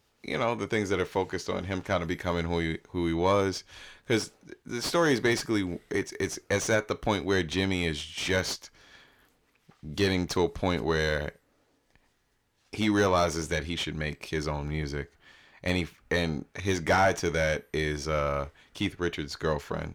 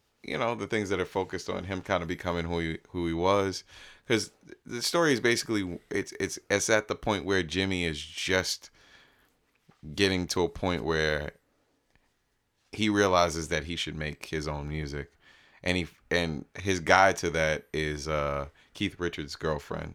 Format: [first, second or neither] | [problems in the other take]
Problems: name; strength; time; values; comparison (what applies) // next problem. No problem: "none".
second | distortion; slight; 10 dB below the speech